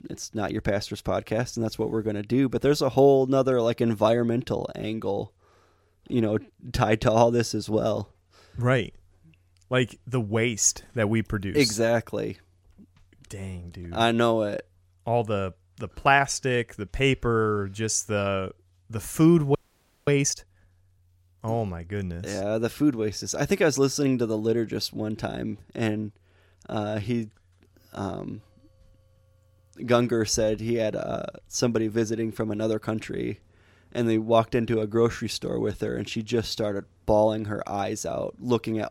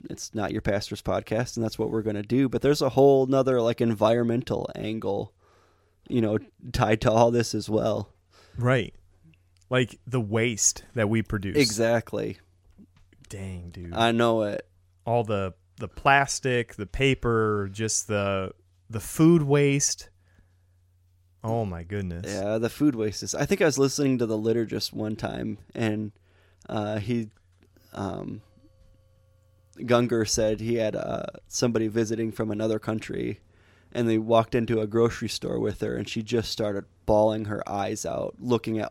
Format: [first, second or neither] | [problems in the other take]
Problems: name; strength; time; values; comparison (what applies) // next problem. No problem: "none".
second | audio freezing; at 20 s for 0.5 s